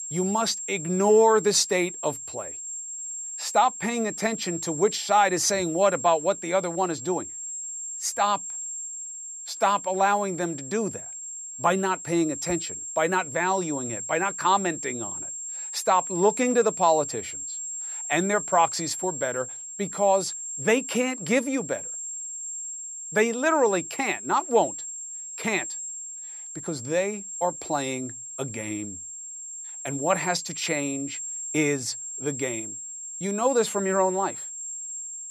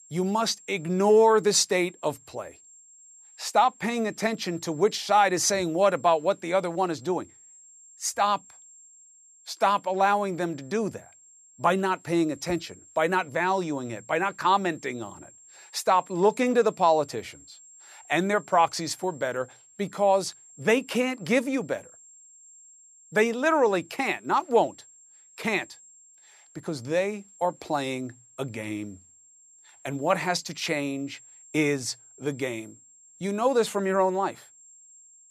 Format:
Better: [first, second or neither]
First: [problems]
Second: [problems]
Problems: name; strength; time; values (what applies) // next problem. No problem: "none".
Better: second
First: high-pitched whine; loud; throughout; 7.5 kHz, 8 dB below the speech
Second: high-pitched whine; faint; throughout; 7.5 kHz, 25 dB below the speech